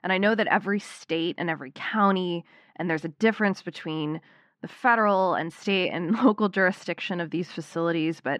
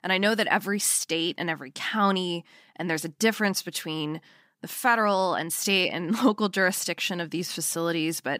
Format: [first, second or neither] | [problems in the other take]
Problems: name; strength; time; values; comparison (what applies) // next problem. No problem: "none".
second | muffled; very; fading above 2 kHz